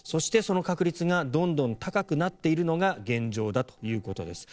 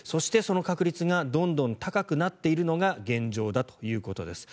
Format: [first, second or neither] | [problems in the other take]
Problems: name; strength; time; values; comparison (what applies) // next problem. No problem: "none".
second | noise reduction (neural separator model SepFormer DNS4)